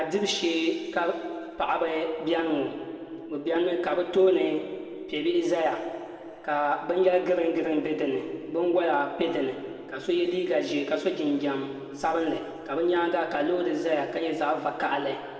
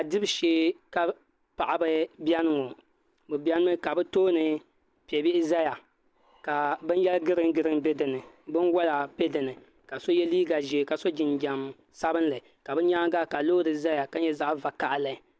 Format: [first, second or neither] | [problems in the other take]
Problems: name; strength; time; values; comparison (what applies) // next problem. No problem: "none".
second | room echo; dies away in 2.3 s